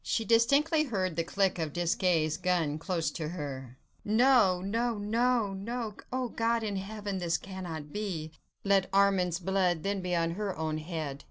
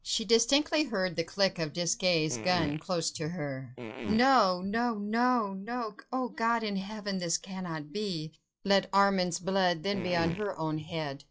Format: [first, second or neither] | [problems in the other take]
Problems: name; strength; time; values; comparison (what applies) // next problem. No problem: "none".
first | noise reduction (classical method log-MMSE)